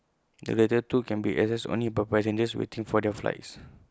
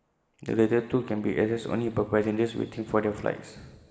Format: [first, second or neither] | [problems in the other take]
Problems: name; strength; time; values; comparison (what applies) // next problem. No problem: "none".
first | room echo; dies away in 1.5 s